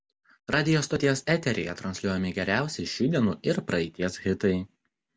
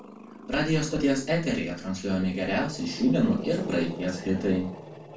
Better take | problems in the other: first | background sound (Growling); 14 dB below the speech // room echo; dies away in 0.3 s

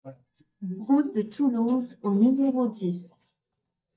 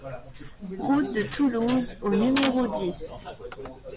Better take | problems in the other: second | noise reduction (neural mask model DeepFilterNet 3)

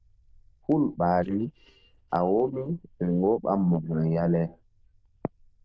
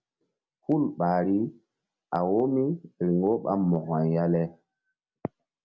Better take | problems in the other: second | noise reduction (neural diffusion model UNIVERSE++)

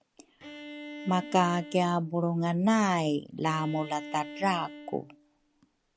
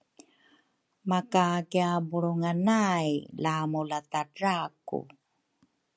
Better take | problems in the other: second | background sound (Bowed string instrument); 15 dB below the speech

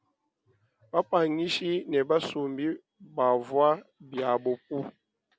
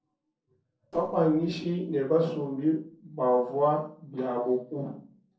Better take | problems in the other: first | noise reduction (neural separator model SepFormer DNS4)

